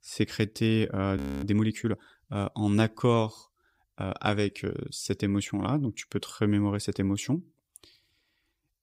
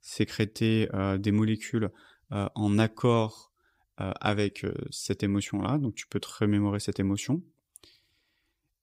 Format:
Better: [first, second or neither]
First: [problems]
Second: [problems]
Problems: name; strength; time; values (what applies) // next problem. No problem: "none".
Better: second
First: audio freezing; at 1 s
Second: none